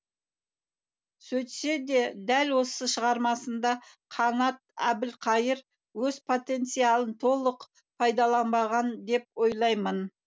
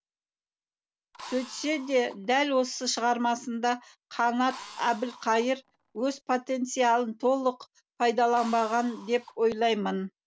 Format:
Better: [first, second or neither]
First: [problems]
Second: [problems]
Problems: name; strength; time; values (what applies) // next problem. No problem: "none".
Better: first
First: none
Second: background sound (Drill); 20 dB below the speech